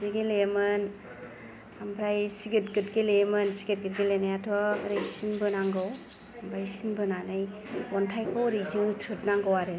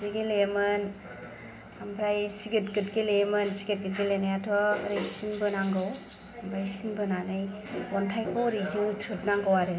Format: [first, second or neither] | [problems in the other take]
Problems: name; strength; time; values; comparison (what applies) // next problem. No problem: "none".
first | room echo; dies away in 0.7 s